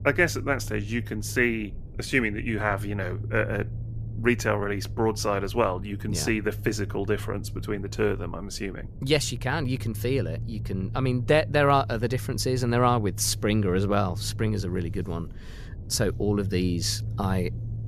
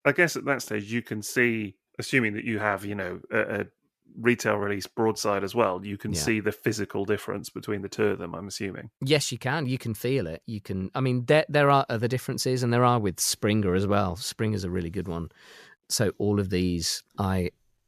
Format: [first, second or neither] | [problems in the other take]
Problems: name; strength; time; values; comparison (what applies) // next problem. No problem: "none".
second | low rumble; faint; throughout; 20 dB below the speech